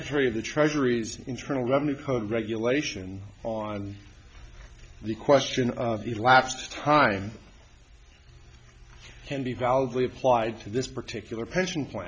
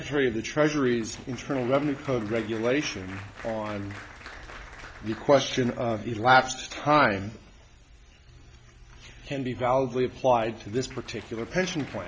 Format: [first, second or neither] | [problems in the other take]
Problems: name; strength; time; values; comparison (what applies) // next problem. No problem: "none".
first | background sound (Applause); 20 dB below the speech